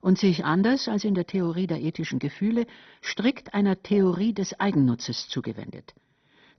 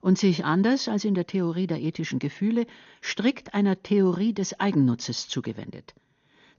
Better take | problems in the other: second | garbled, watery; badly; nothing above 6 kHz; slightly in the second

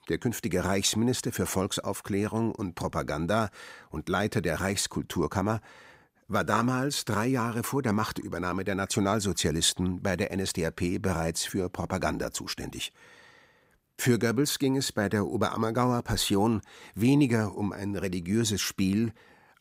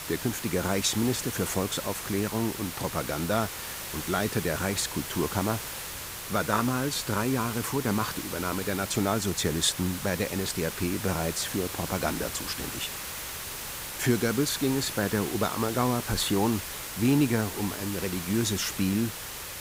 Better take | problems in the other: first | hiss; loud; throughout; 6 dB below the speech

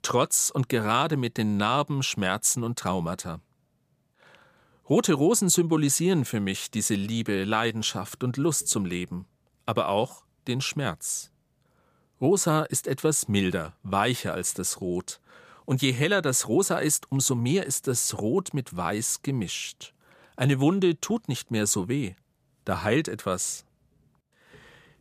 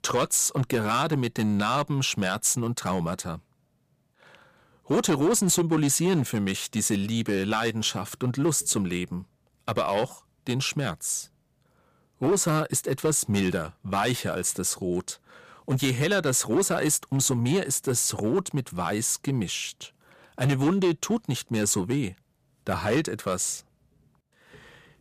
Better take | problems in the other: first | distortion; slight; 5% of the sound clipped

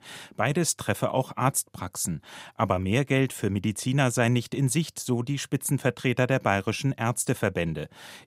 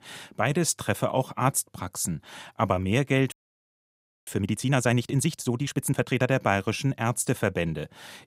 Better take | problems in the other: first | audio freezing; at 3.5 s for 1 s

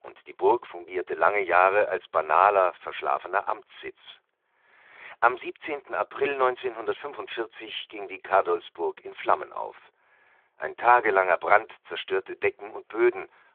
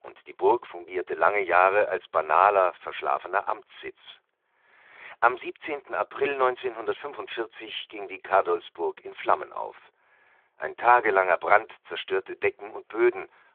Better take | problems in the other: neither | phone-call audio; the same in both

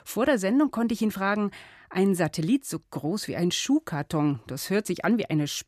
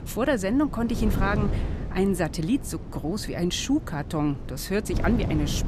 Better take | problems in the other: first | wind noise on the microphone; occasional gusts; 10 dB below the speech

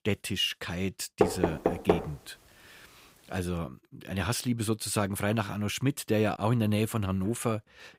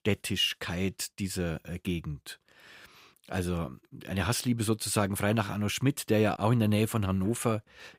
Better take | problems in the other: second | door banging; loud; at 1 s; peak 3 dB above the speech

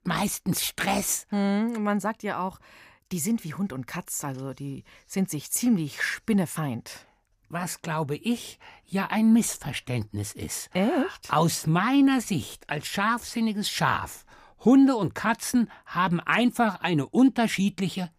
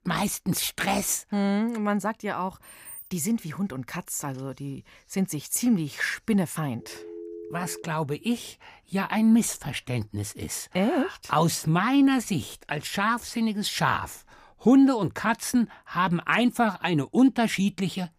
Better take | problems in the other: first | jangling keys; faint; at 2.5 s; peak 15 dB below the speech // phone ringing; faint; from 7 to 8 s; peak 15 dB below the speech

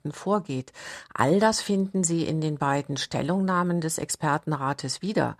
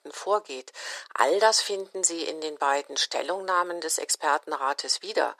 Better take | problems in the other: first | thin; very; fading below 400 Hz

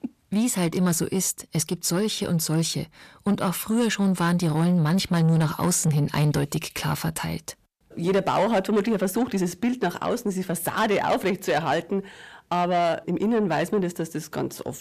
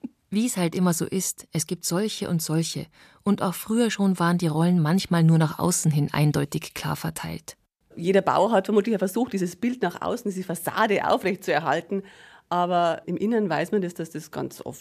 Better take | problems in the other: second | distortion; slight; 10 dB below the speech

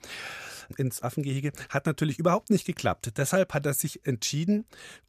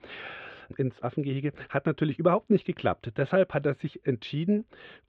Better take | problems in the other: first | muffled; very; fading above 3.5 kHz

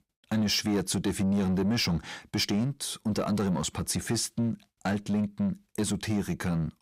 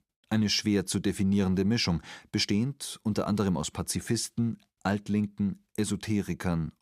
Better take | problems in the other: second | distortion; slight; 10 dB below the speech

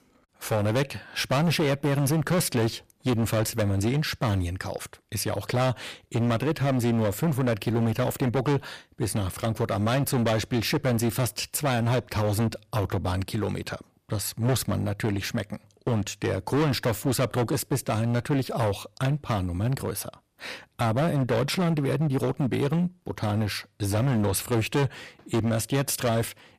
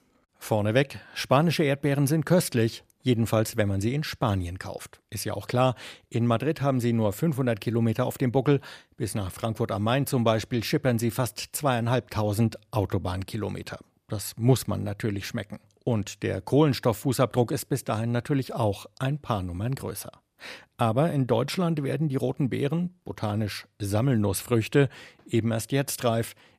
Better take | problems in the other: second | distortion; heavy; 14% of the sound clipped

